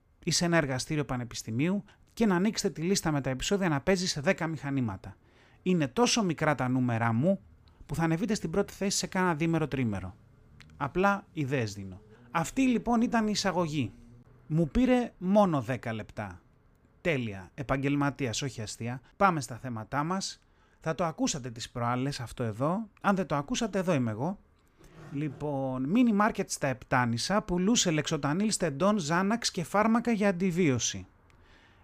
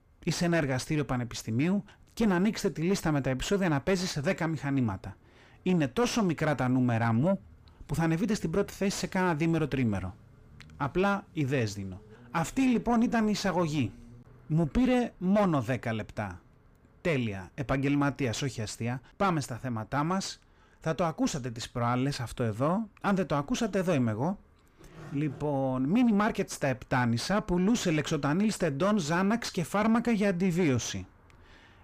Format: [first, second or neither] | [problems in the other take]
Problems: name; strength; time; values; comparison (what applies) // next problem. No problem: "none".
first | distortion; slight; 10 dB below the speech